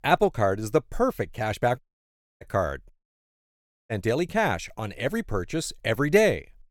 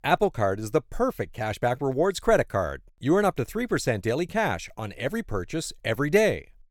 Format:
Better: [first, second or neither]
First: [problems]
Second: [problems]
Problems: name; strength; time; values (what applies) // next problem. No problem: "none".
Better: second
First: audio cutting out; at 2 s for 0.5 s and at 3 s for 1 s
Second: none